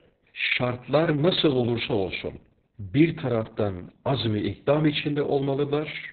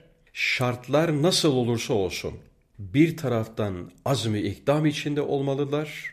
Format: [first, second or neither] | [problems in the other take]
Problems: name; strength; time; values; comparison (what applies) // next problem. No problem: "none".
second | garbled, watery; badly; nothing above 4 kHz